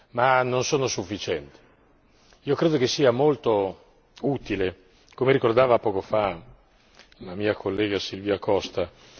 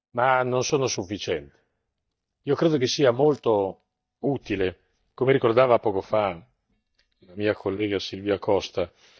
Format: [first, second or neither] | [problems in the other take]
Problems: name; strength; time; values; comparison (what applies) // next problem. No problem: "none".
first | noise reduction (neural mask model DeepFilterNet 3)